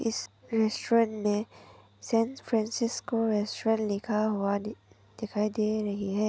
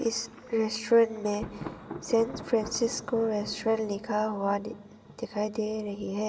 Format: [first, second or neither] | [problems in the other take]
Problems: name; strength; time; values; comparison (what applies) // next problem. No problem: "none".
first | background sound (Thunder); 16 dB below the speech // room echo; dies away in 0.8 s